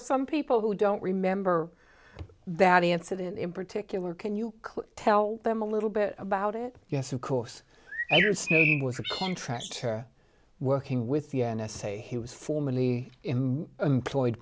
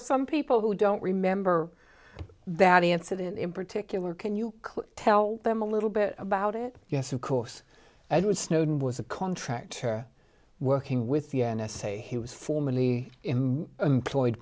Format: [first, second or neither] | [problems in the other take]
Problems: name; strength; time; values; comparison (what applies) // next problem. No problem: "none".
second | background sound (Bird); 1 dB below the speech